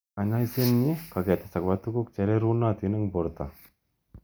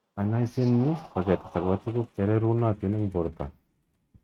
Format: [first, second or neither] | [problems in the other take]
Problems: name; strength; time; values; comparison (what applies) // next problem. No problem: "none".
first | noise reduction (neural mask model RNNoise)